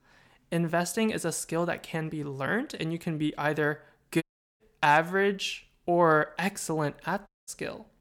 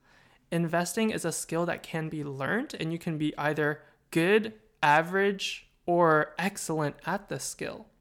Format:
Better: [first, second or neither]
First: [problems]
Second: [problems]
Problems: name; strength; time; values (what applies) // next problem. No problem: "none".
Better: second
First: audio cutting out; at 4 s and at 7.5 s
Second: none